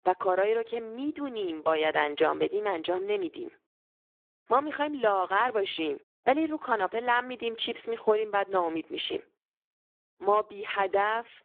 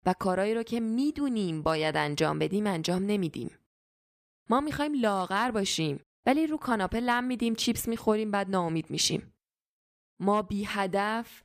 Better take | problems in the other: second | phone-call audio; poor line

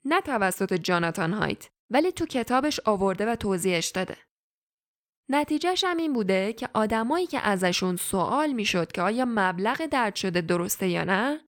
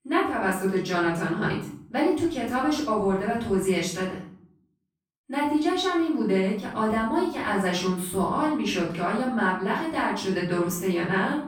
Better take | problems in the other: first | off-mic speech; far // room echo; noticeable; dies away in 0.6 s

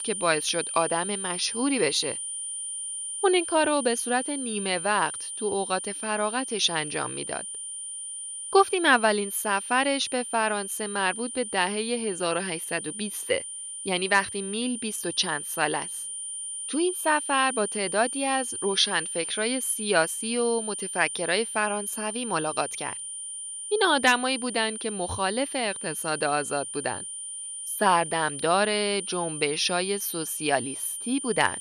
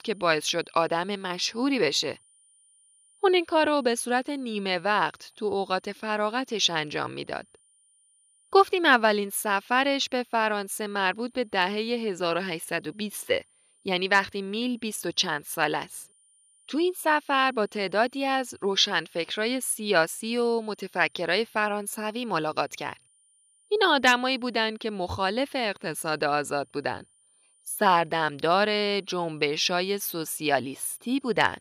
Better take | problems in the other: second | high-pitched whine; loud; throughout; 9 kHz, 6 dB below the speech; faint in the second

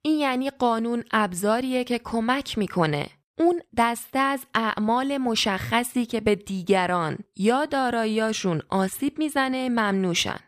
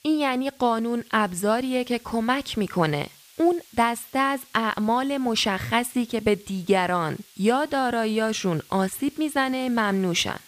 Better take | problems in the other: first | hiss; faint; throughout; 25 dB below the speech

